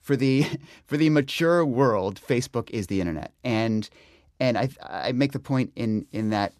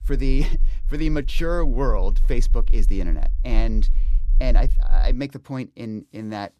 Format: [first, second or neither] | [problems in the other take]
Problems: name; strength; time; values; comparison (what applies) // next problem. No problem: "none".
first | low rumble; faint; until 5 s; 20 dB below the speech